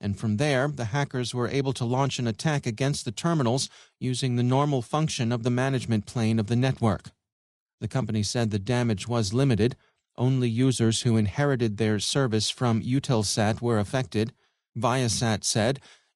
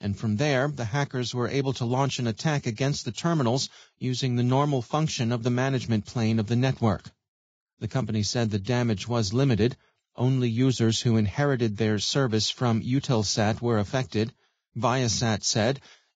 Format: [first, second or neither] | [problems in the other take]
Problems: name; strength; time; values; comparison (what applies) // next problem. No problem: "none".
first | garbled, watery; badly; nothing above 7.5 kHz; slightly in the first